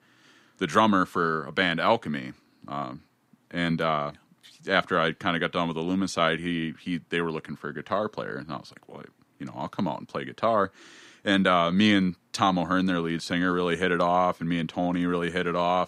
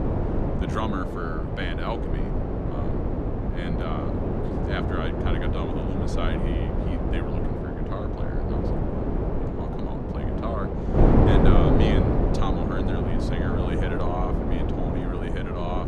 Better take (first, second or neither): first